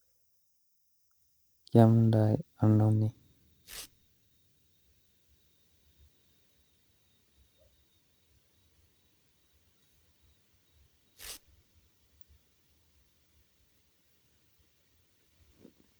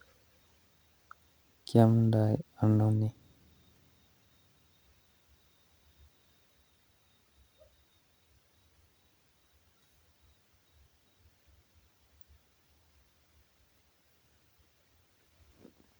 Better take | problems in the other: second | noise reduction (neural mask model DeepFilterNet 3)

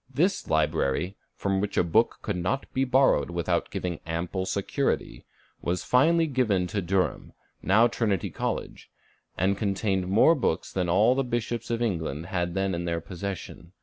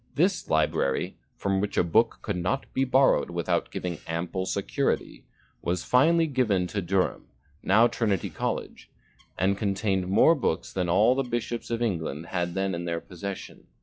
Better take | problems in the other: first | noise reduction (classical method log-MMSE)

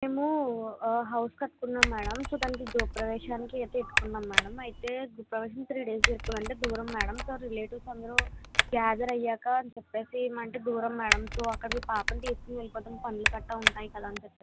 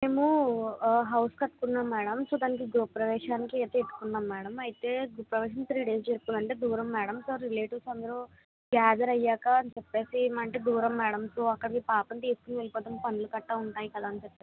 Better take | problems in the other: second | background sound (Typing); 1 dB above the speech

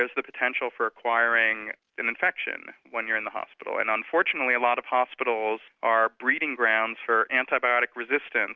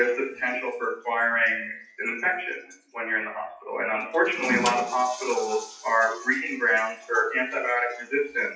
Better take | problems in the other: first | noise reduction (classical method WPE with log-MMSE)

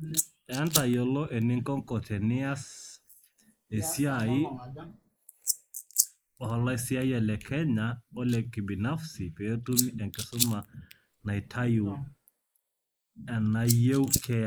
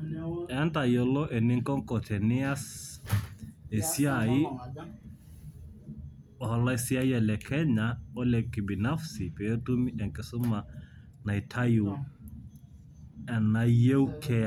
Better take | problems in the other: second | noise reduction (neural mask model Resemble Enhance denoiser)

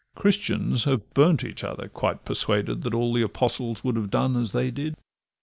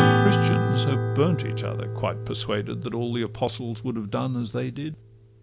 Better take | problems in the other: first | background sound (Acoustic guitar / Strum); 2 dB above the speech

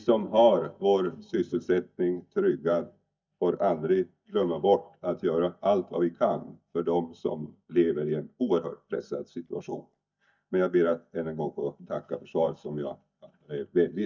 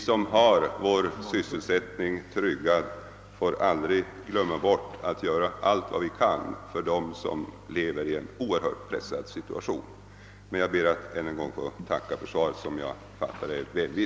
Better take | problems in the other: second | noise reduction (neural mask model DeepFilterNet 3)

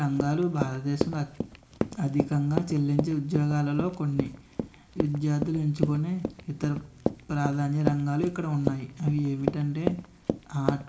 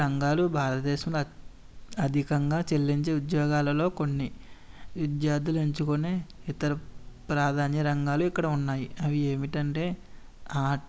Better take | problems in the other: second | background sound (Run); 5 dB below the speech // room echo; dies away in 0.4 s

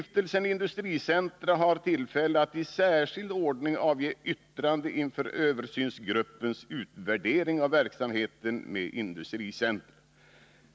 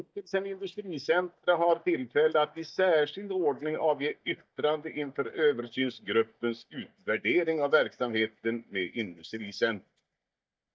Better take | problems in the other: first | noise reduction (neural mask model DeepFilterNet 3)

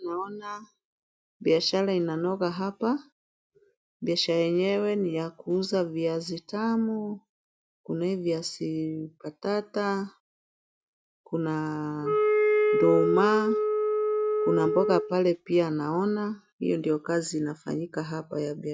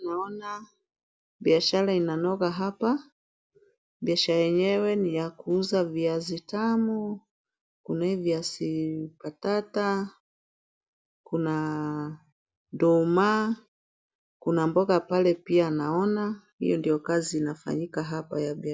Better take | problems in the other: second | noise reduction (neural mask model RNNoise)

